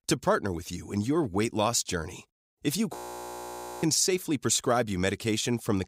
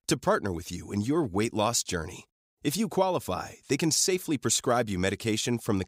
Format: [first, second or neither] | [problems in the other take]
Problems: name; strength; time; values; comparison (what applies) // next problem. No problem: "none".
second | audio freezing; at 3 s for 1 s